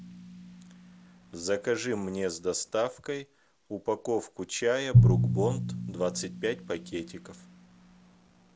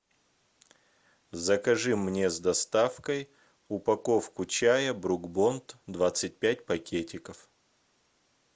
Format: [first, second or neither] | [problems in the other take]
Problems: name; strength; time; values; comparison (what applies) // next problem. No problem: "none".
second | background sound (Drum); 2 dB above the speech